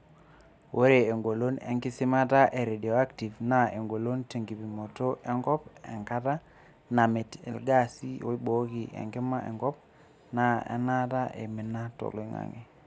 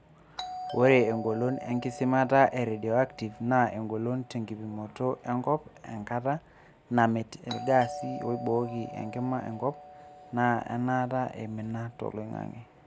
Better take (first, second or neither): first